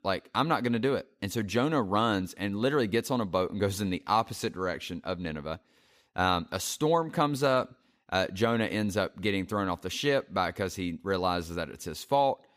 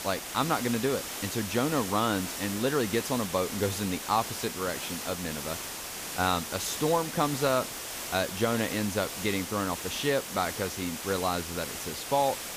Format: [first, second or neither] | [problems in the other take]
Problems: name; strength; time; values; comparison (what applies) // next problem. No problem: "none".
first | hiss; loud; throughout; 5 dB below the speech